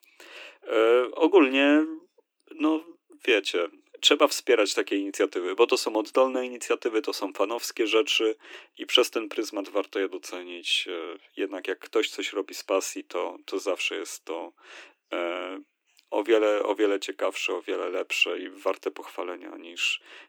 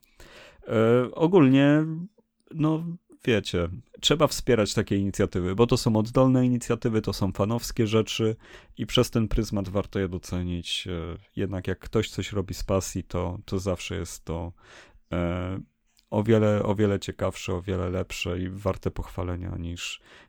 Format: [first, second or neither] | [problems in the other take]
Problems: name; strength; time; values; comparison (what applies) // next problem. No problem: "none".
second | thin; somewhat; fading below 300 Hz